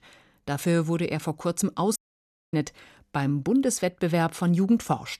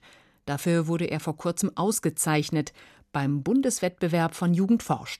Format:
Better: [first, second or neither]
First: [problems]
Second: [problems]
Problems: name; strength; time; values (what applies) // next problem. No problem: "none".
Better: second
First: audio cutting out; at 2 s for 0.5 s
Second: none